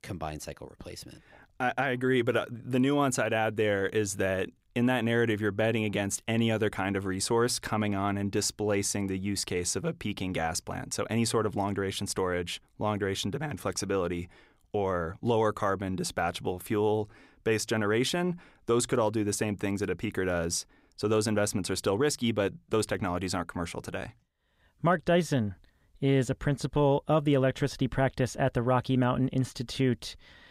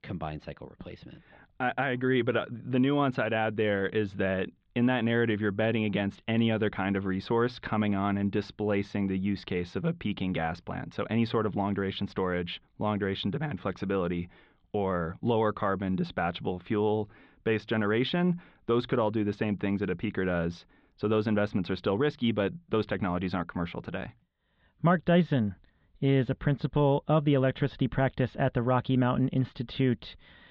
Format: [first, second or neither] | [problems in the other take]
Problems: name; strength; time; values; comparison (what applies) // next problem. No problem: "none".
first | muffled; very; fading above 3.5 kHz